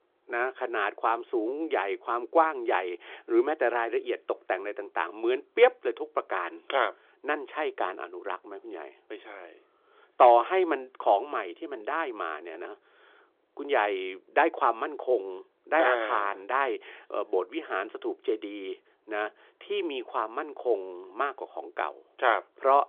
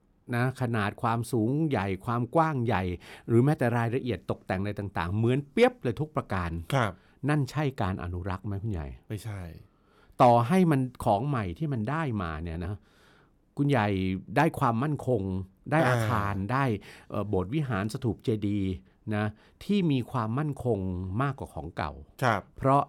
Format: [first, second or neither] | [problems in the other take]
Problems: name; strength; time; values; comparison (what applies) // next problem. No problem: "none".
second | phone-call audio; nothing above 3.5 kHz